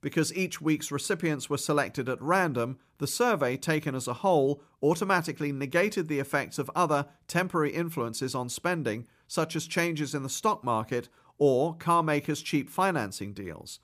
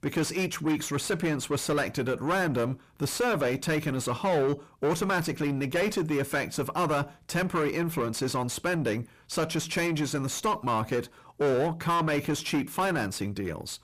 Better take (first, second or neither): first